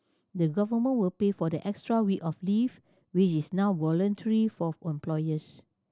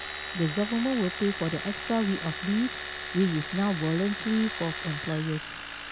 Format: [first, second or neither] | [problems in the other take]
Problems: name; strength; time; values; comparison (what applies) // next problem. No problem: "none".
first | background sound (Domestic sounds, home sounds); 8 dB below the speech